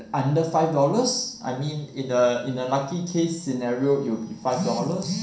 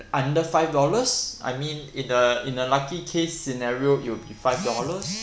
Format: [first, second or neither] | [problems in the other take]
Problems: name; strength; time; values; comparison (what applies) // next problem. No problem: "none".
second | room echo; dies away in 0.6 s